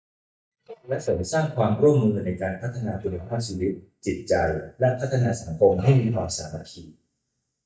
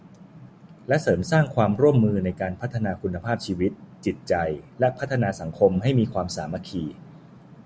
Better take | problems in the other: second | noise reduction (neural mask model DeepFilterNet 3)

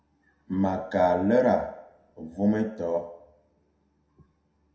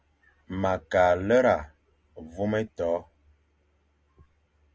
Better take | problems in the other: second | room echo; dies away in 0.6 s

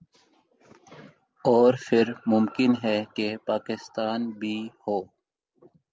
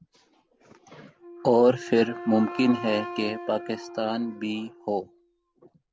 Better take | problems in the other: first | background sound (Wind instrument, woodwind instrument); 14 dB below the speech

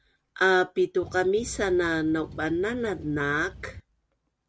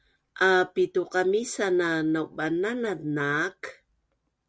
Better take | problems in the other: second | background sound (Boat, Water vehicle); 17 dB below the speech

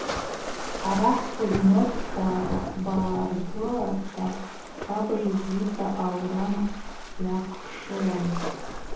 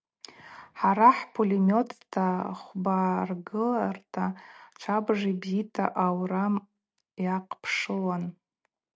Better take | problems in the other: second | background sound (Waves, surf); 6 dB below the speech // room echo; dies away in 0.7 s

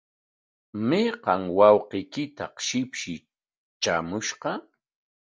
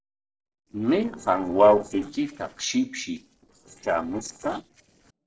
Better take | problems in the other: first | noise reduction (neural separator model SepFormer DNS4)

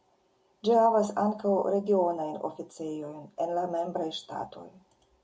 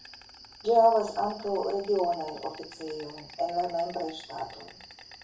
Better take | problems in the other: first | background sound (Insect); 19 dB below the speech // room echo; dies away in 0.3 s

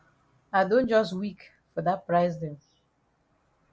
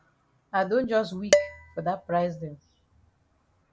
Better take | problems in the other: first | background sound (Dishes, pots, and pans); as loud as the speech

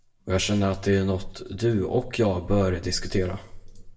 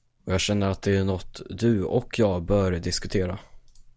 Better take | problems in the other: second | room echo; dies away in 0.6 s

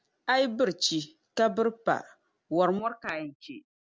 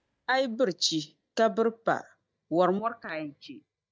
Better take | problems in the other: first | noise reduction (neural mask model DeepFilterNet 3)

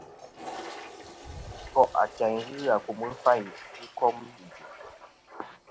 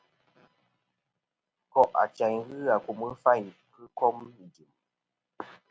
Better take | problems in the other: second | background sound (Toilet flush); 15 dB below the speech

